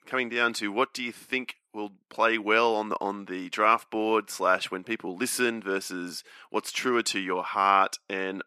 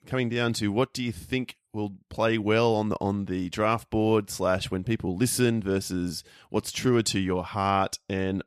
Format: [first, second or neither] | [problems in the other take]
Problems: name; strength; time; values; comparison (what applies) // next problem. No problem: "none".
second | thin; somewhat; fading below 250 Hz